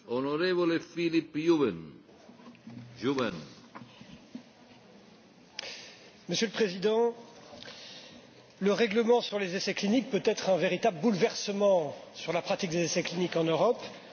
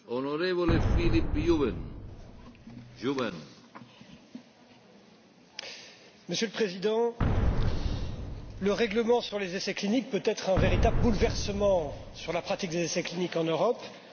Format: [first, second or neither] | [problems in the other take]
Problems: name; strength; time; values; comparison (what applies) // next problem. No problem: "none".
first | background sound (Boom); 1 dB above the speech